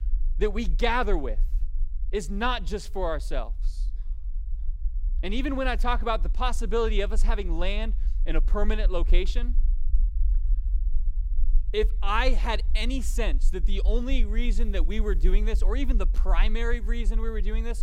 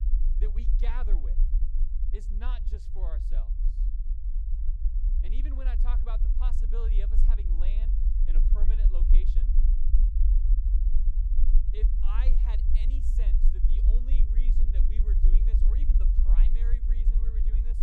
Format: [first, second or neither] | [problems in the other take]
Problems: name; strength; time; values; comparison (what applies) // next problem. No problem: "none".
first | low rumble; loud; throughout; 3 dB below the speech; faint in the first